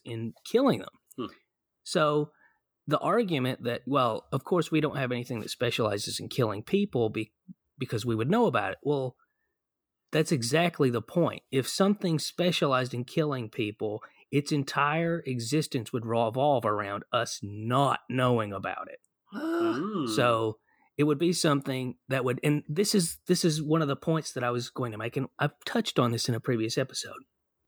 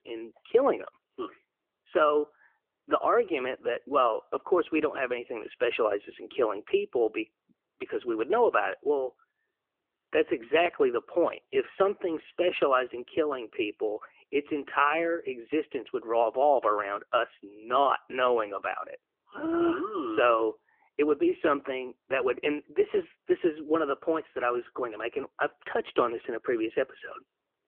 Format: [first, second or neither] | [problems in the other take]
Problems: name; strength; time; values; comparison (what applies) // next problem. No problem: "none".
first | phone-call audio